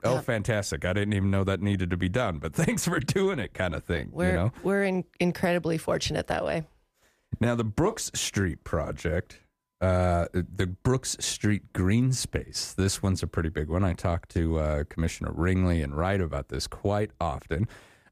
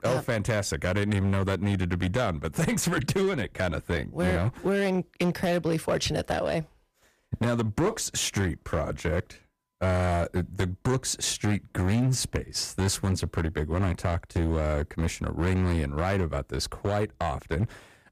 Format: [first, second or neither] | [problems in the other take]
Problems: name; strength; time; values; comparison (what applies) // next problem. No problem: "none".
first | distortion; slight; 10% of the sound clipped